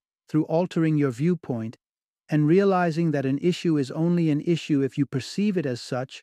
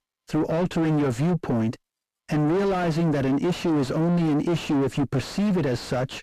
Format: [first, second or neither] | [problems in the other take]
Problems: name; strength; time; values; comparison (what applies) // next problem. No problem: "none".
first | distortion; heavy; 5 dB below the speech